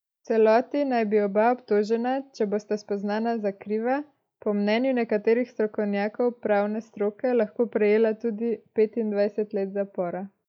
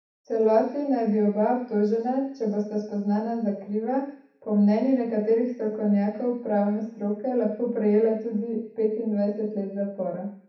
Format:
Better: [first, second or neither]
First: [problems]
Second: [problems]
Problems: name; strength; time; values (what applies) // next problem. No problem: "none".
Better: first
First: none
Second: room echo; dies away in 0.7 s